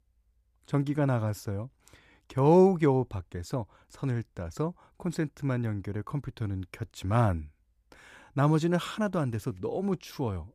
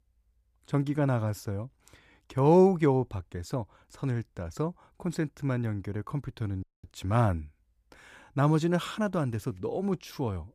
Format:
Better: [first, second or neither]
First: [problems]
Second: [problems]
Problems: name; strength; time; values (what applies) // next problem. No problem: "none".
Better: first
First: none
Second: audio cutting out; at 6.5 s